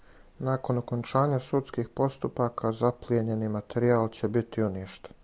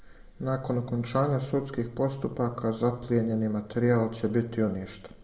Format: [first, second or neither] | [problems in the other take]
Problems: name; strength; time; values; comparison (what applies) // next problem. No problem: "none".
first | room echo; dies away in 0.7 s